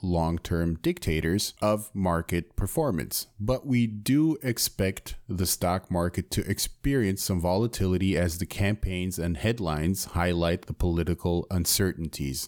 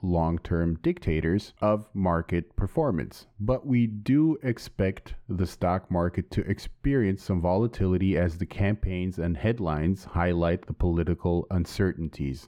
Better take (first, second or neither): first